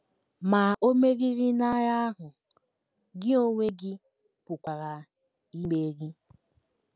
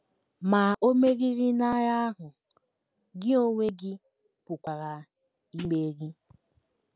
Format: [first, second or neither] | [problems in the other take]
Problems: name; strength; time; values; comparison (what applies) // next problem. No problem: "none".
first | background sound (Hi-hat); 17 dB below the speech